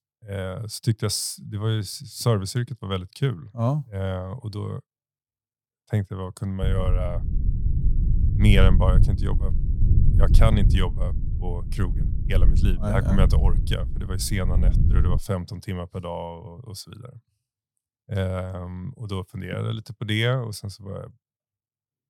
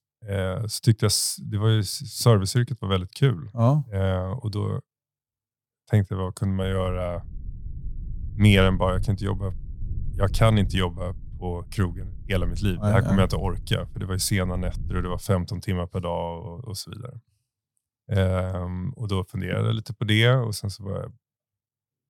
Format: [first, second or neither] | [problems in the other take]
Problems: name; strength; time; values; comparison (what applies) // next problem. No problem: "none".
second | low rumble; loud; from 6.5 to 15 s; 8 dB below the speech; faint in the second